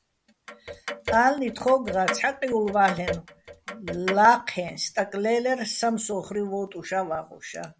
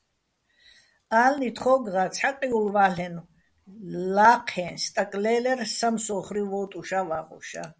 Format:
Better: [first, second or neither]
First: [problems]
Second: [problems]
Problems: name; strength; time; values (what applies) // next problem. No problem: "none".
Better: second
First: background sound (Clock); 9 dB below the speech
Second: none